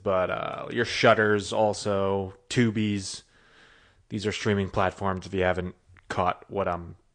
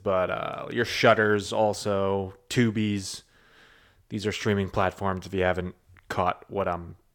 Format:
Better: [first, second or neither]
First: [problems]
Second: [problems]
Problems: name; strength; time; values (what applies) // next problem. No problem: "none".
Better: second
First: garbled, watery; slightly; nothing above 8.5 kHz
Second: none